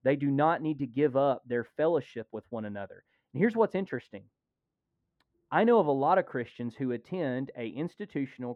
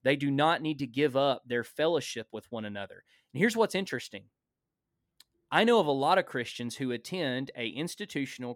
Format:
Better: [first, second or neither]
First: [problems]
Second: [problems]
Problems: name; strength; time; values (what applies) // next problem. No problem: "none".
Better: second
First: muffled; very; fading above 3 kHz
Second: none